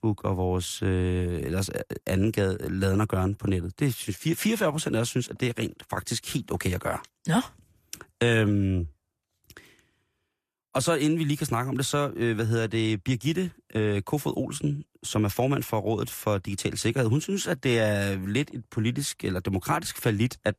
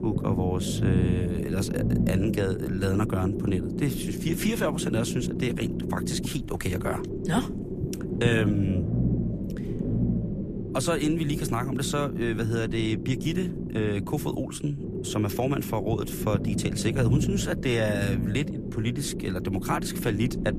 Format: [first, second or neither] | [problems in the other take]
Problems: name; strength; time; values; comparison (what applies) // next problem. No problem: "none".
first | low rumble; loud; throughout; 6 dB below the speech